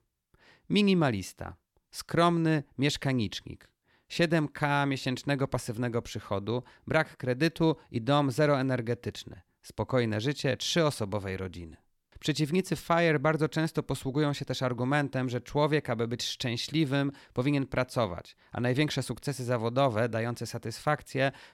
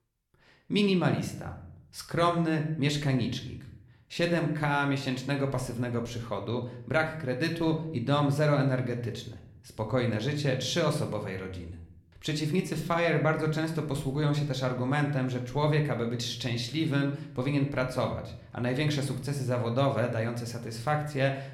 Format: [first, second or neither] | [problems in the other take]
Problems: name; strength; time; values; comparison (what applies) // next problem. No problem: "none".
first | room echo; slight; dies away in 0.6 s